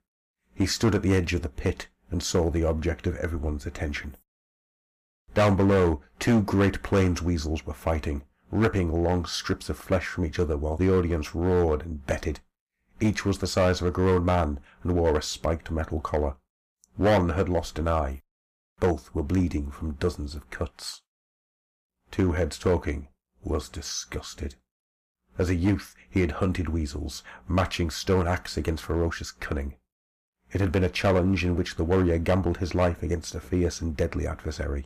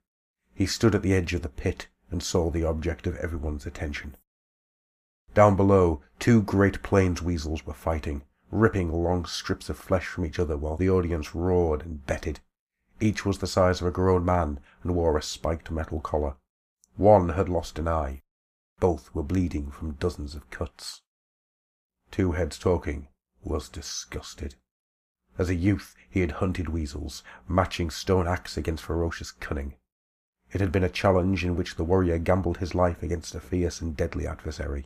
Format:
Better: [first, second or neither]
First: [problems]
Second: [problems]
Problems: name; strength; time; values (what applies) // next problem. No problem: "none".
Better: second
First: distortion; slight; 3% of the sound clipped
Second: none